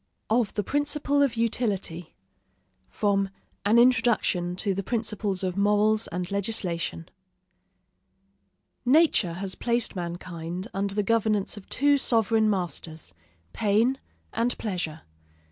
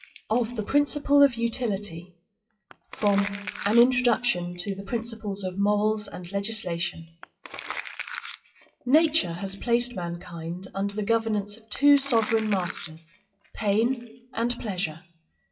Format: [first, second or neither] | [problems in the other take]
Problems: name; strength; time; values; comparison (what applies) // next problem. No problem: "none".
first | noise reduction (classical method WPE with log-MMSE)